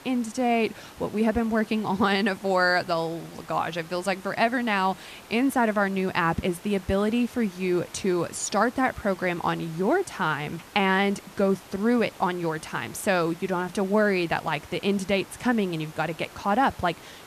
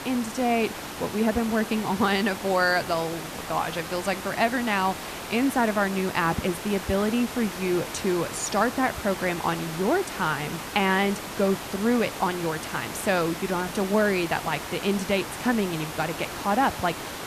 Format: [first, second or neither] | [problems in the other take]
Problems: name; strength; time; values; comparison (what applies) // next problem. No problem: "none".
first | hiss; loud; throughout; 8 dB below the speech; faint in the first